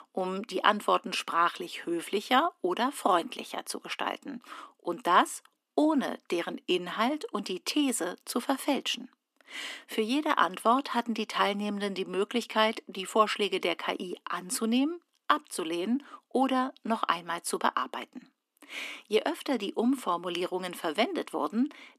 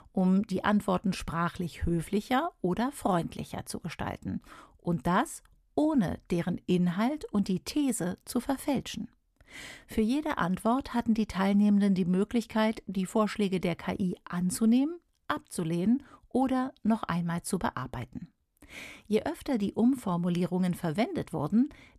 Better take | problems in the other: second | thin; somewhat; fading below 250 Hz

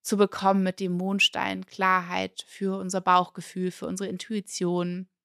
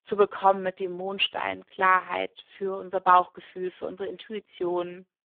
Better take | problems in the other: first | phone-call audio; poor line

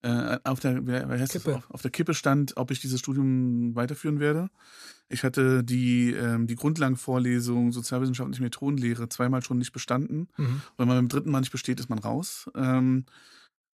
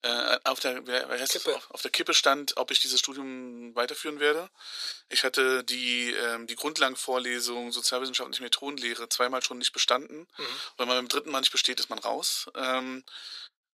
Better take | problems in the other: first | thin; very; fading below 450 Hz

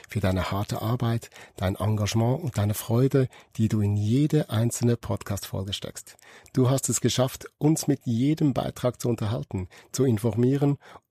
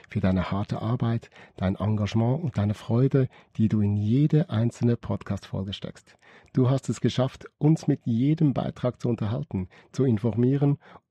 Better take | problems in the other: first | muffled; slightly; fading above 3.5 kHz

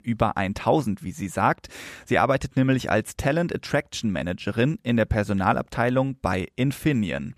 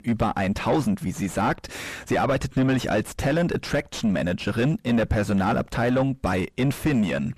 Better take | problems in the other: first | distortion; heavy; 4 dB below the speech

